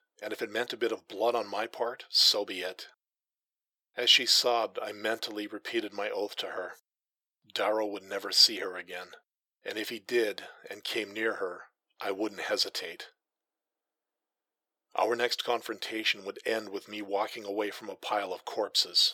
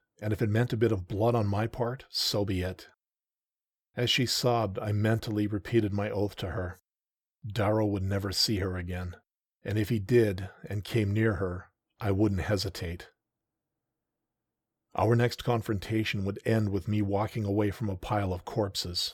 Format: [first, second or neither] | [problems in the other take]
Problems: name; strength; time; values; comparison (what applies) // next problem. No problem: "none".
second | thin; very; fading below 400 Hz